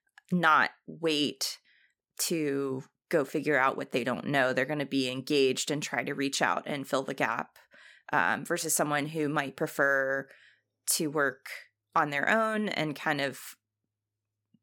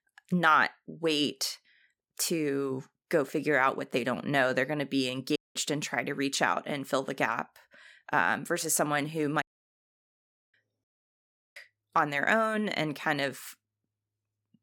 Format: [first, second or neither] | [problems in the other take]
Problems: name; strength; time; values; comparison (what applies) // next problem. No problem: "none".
first | audio cutting out; at 5.5 s, at 9.5 s for 1 s and at 11 s for 0.5 s